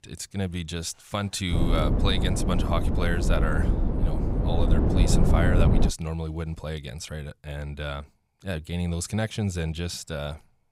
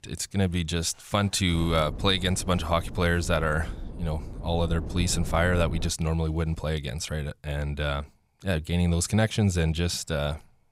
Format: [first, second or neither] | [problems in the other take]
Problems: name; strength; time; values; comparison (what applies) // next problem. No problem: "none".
second | wind noise on the microphone; heavy; from 1.5 to 6 s; 1 dB below the speech; occasional gusts in the second